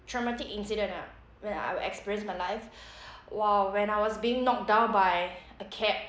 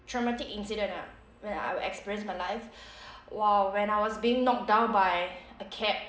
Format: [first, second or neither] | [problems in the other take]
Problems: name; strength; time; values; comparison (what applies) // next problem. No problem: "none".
first | room echo; dies away in 1.3 s